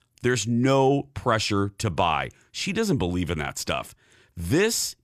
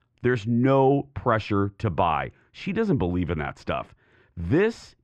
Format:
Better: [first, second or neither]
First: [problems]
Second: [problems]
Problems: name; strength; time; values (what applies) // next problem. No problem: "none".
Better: first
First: none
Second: muffled; very; fading above 2 kHz